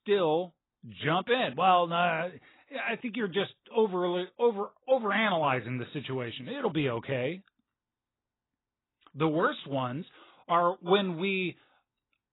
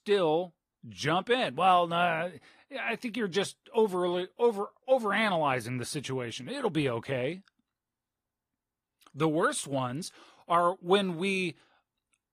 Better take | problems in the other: second | garbled, watery; badly; nothing above 4 kHz; slightly in the second

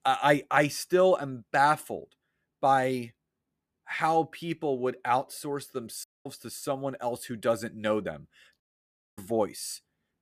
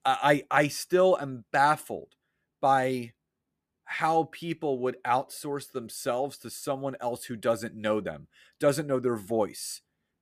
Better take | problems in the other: second | audio cutting out; at 6 s and at 8.5 s for 0.5 s

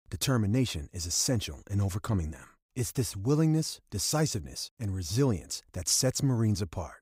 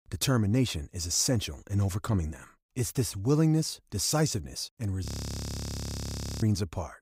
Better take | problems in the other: first | audio freezing; at 5 s for 1.5 s

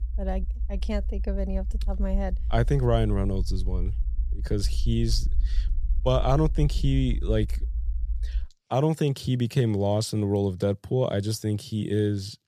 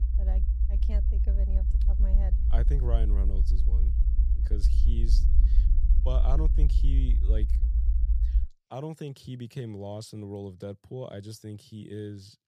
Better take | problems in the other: first | low rumble; loud; until 8.5 s; 6 dB below the speech; faint in the first

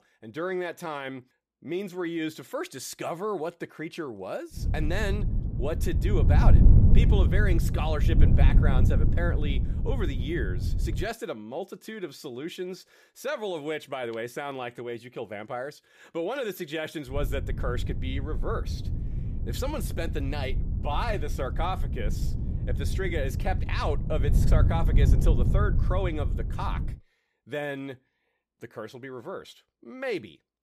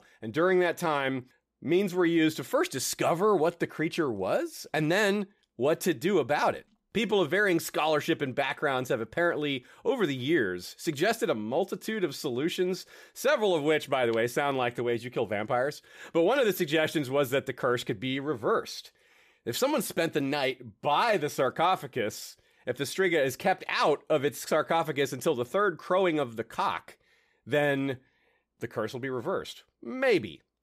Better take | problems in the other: second | wind noise on the microphone; heavy; from 4.5 to 11 s and from 17 to 27 s; 7 dB below the speech

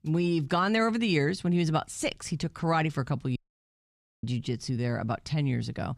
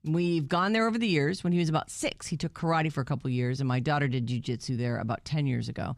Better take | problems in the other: second | audio cutting out; at 3.5 s for 1 s

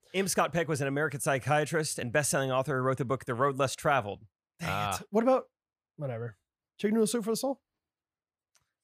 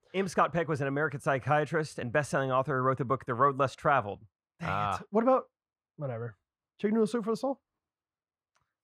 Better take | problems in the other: first | muffled; slightly; fading above 2 kHz

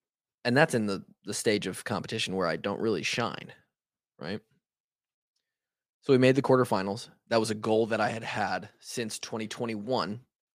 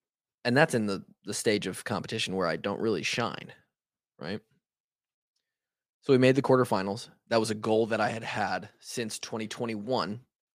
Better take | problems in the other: neither | none

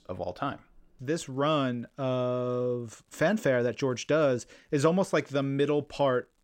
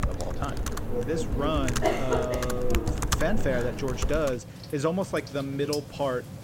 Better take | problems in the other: first | household noises; loud; throughout; 1 dB below the speech

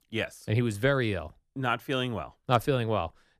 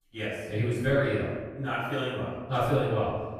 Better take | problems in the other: first | room echo; strong; dies away in 1.2 s // off-mic speech; far

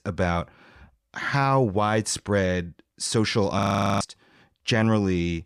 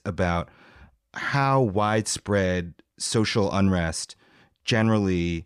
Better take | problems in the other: second | audio freezing; at 3.5 s

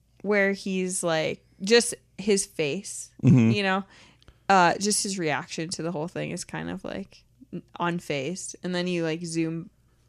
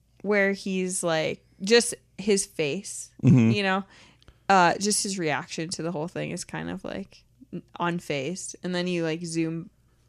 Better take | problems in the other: neither | none

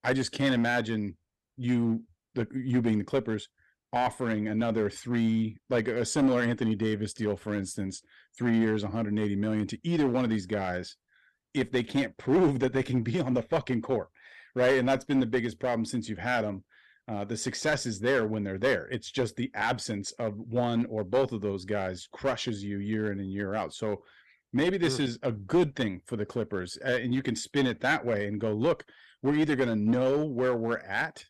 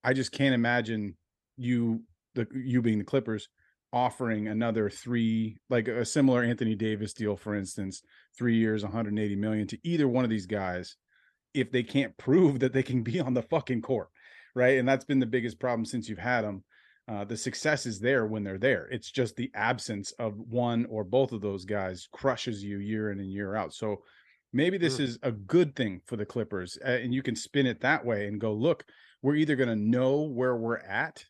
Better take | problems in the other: second | distortion; slight; 4% of the sound clipped

